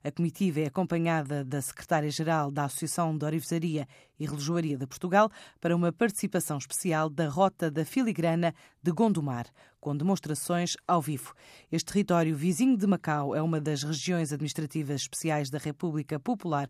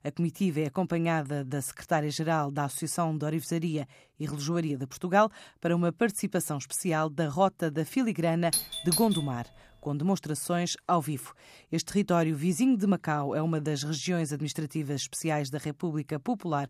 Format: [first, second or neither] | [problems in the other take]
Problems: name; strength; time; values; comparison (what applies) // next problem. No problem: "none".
first | doorbell; loud; at 8.5 s; peak level with the speech